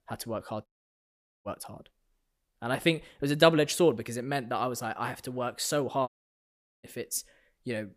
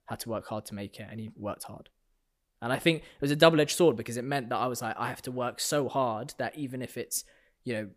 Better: second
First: audio cutting out; at 0.5 s for 1 s and at 6 s for 1 s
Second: none

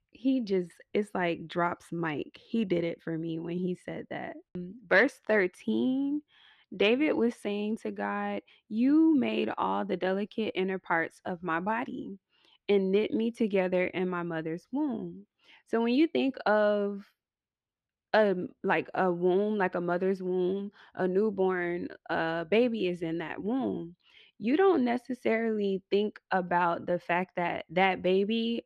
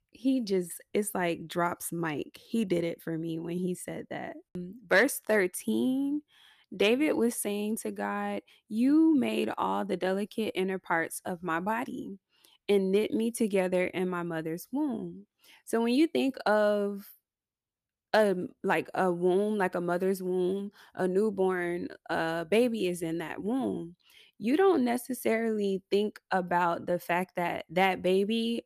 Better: second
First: muffled; very slightly; fading above 3 kHz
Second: none

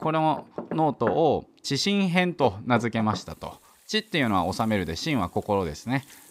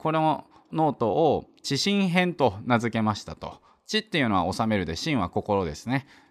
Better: second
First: household noises; noticeable; throughout; 15 dB below the speech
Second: none

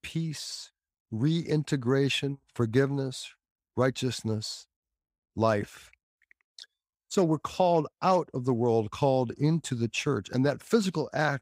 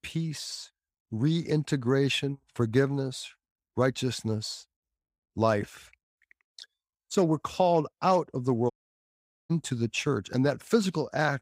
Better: first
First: none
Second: audio cutting out; at 8.5 s for 1 s

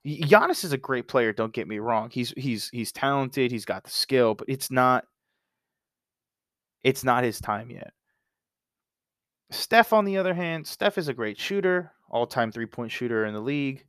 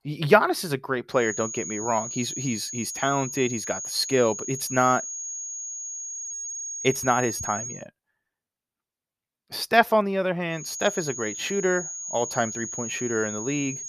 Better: first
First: none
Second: high-pitched whine; loud; from 1 to 7.5 s and from 11 s on; 6.5 kHz, 6 dB below the speech

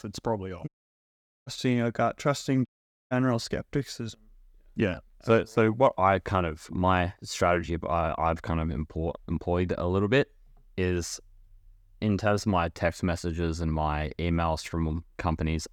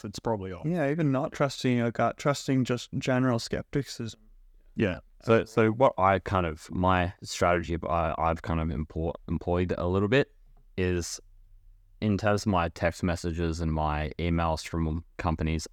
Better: second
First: audio cutting out; at 0.5 s for 1 s and at 2.5 s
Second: none

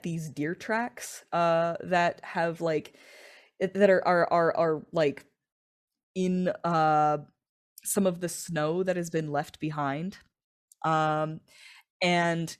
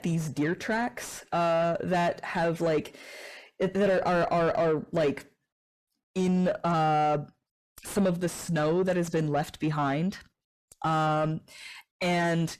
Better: first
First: none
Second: distortion; heavy; 7 dB below the speech

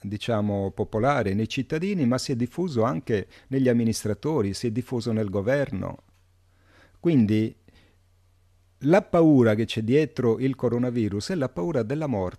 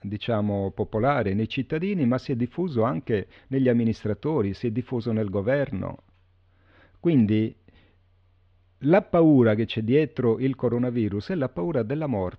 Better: first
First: none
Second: muffled; slightly; fading above 3.5 kHz

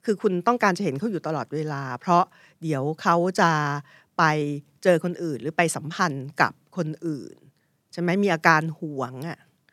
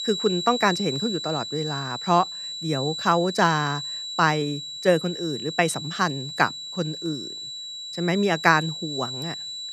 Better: first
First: none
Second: high-pitched whine; loud; throughout; 4 kHz, 7 dB below the speech

